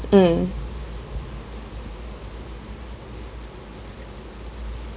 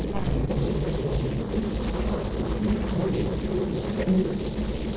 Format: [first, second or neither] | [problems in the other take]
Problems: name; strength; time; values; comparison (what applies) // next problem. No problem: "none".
first | noise reduction (neural separator model SepFormer DNS4)